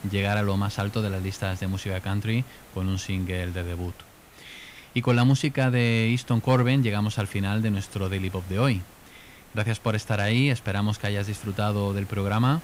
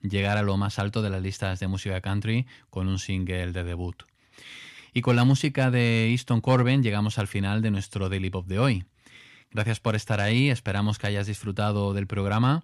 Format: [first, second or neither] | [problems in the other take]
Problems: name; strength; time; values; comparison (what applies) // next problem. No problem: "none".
second | hiss; faint; throughout; 20 dB below the speech